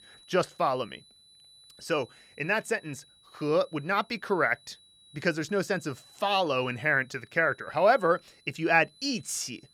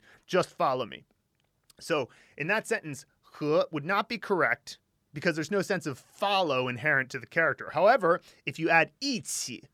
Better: second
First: high-pitched whine; faint; throughout; 4 kHz, 30 dB below the speech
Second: none

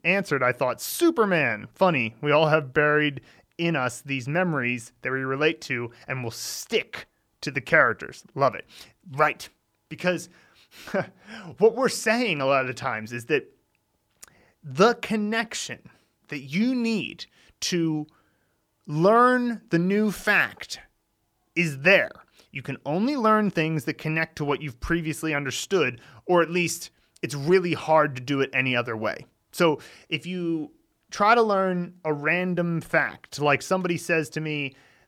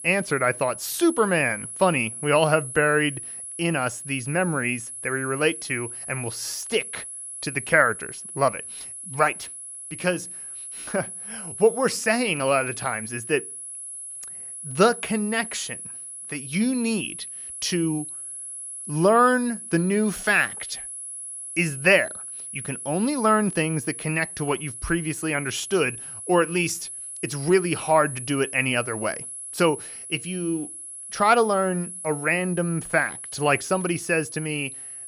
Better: first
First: none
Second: high-pitched whine; loud; throughout; 10.5 kHz, 10 dB below the speech

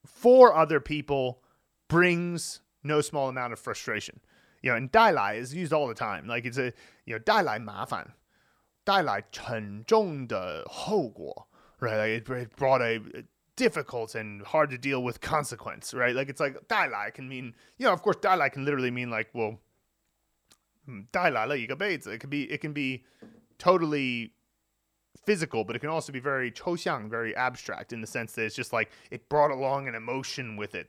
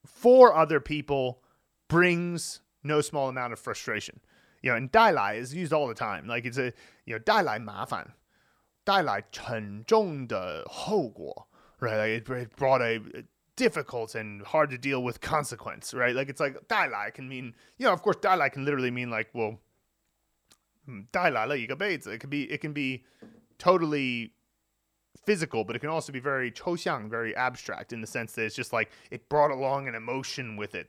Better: neither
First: none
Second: none

